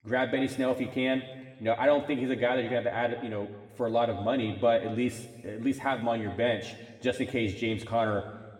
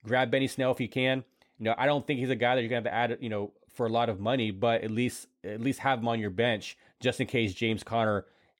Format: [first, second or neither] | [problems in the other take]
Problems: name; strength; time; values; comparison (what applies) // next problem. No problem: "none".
second | room echo; slight; dies away in 1.3 s // off-mic speech; somewhat distant